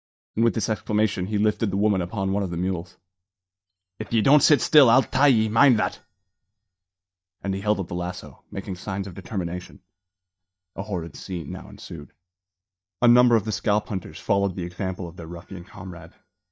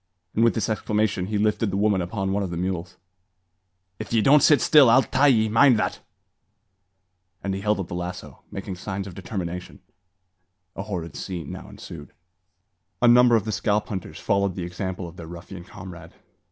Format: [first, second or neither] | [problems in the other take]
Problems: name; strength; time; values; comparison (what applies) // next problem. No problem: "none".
second | noise reduction (neural mask model DeepFilterNet 3)